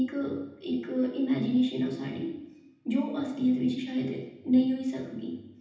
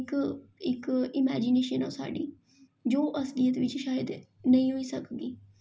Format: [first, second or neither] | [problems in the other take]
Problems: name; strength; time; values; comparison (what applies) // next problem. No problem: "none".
second | room echo; dies away in 0.9 s